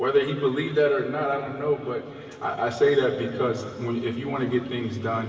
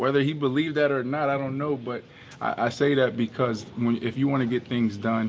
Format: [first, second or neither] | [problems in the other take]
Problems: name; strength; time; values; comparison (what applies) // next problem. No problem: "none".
second | room echo; dies away in 2.3 s